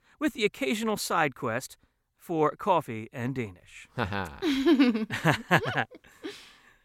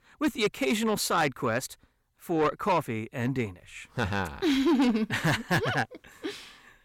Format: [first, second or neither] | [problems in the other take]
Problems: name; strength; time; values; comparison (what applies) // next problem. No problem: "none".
first | distortion; heavy; 8 dB below the speech